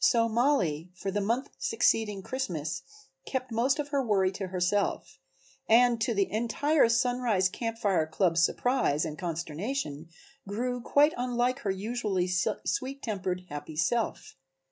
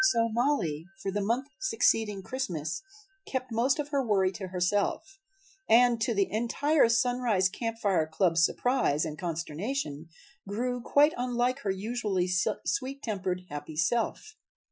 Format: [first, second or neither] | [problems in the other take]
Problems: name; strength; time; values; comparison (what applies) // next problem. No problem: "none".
first | noise reduction (classical method Wiener filter)